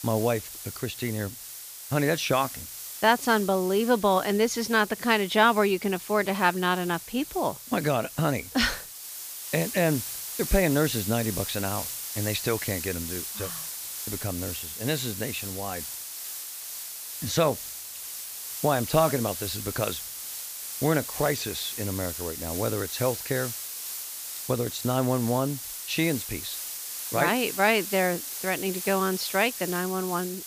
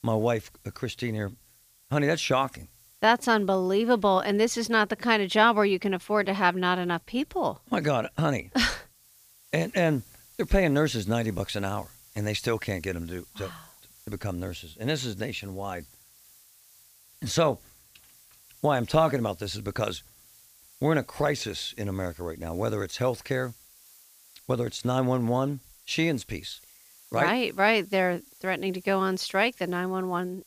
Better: second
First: hiss; loud; throughout; 7 dB below the speech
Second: hiss; faint; throughout; 25 dB below the speech

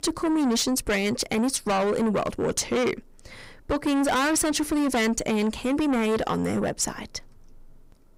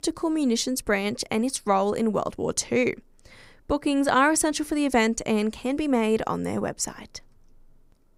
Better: second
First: distortion; heavy; 6 dB below the speech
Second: none

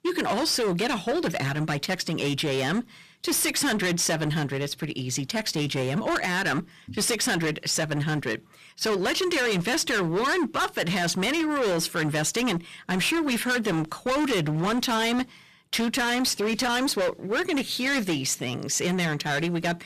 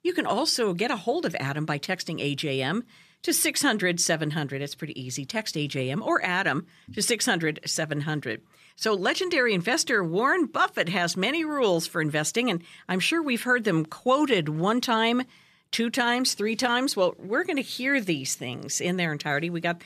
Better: second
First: distortion; heavy; 25% of the sound clipped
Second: none

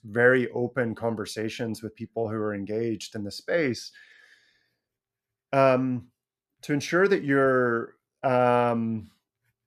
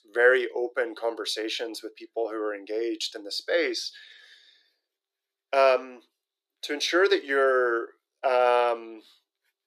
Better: first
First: none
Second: thin; very; fading below 350 Hz

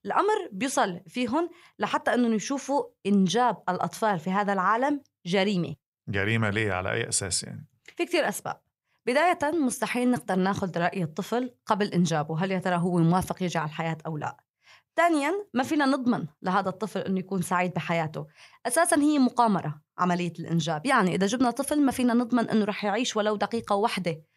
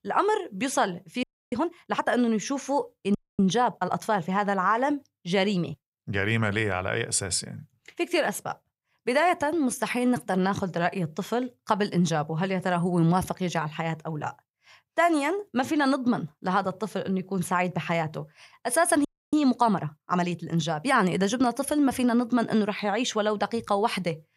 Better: first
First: none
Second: audio freezing; at 1 s, at 3 s and at 19 s

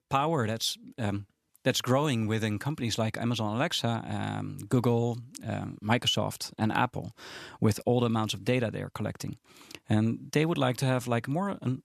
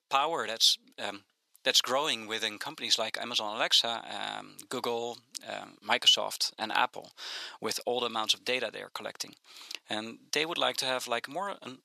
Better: first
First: none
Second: thin; very; fading below 600 Hz

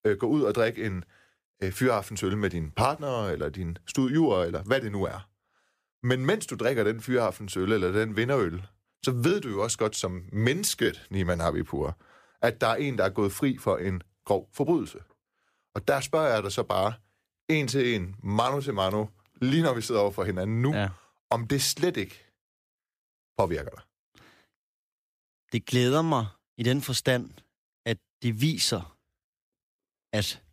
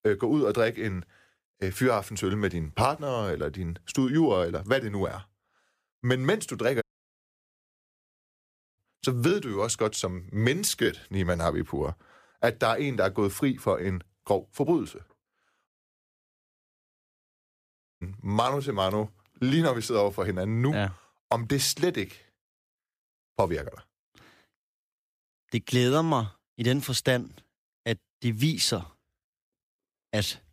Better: first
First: none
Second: audio cutting out; at 7 s for 2 s and at 16 s for 2.5 s

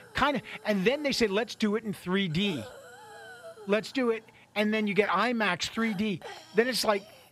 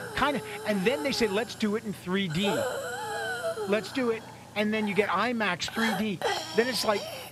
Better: first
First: hiss; faint; throughout; 20 dB below the speech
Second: hiss; loud; throughout; 6 dB below the speech

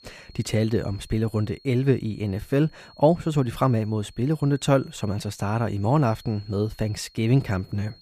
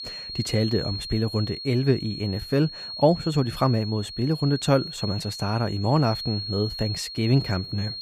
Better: first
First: high-pitched whine; faint; throughout; 4.5 kHz, 25 dB below the speech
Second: high-pitched whine; loud; throughout; 4.5 kHz, 8 dB below the speech

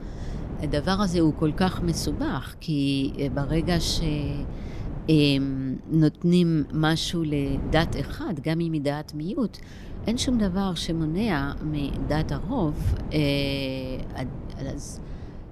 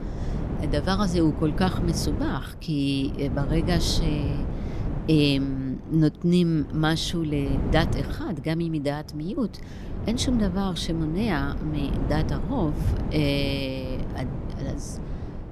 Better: first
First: wind noise on the microphone; occasional gusts; 15 dB below the speech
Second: wind noise on the microphone; heavy; 10 dB below the speech

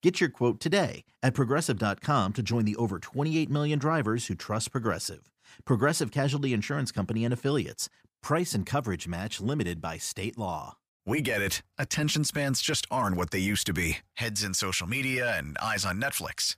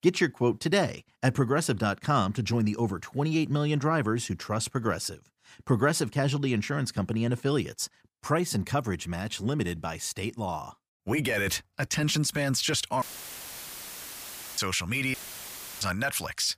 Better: first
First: none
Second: audio cutting out; filled with static; at 13 s for 1.5 s and at 15 s for 0.5 s

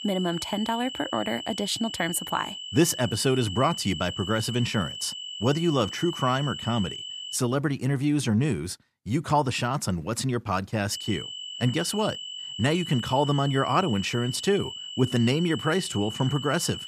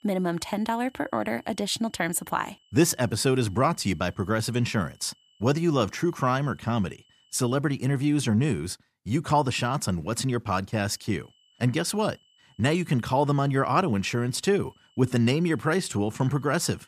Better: second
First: high-pitched whine; loud; until 7.5 s and from 11 s on; 3 kHz, 8 dB below the speech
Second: high-pitched whine; faint; until 7.5 s and from 11 s on; 3 kHz, 35 dB below the speech

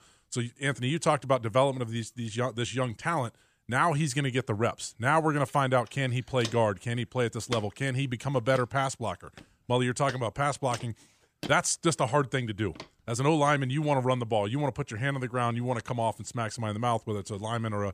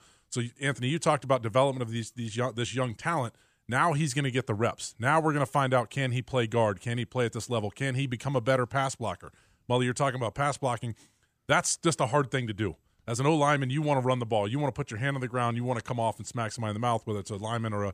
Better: second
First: footsteps; noticeable; from 6.5 to 13 s; peak 10 dB below the speech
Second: none

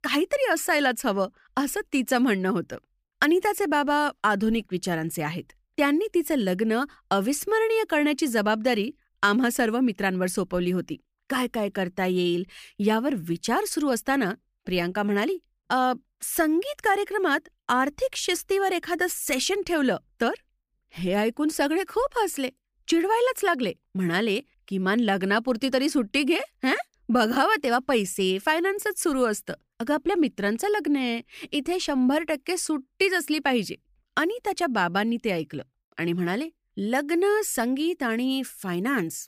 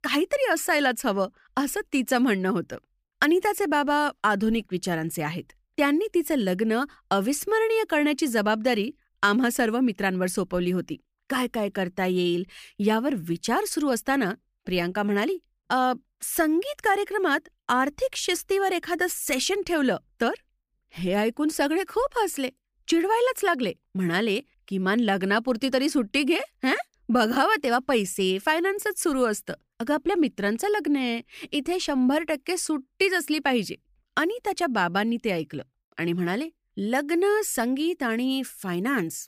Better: neither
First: none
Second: none

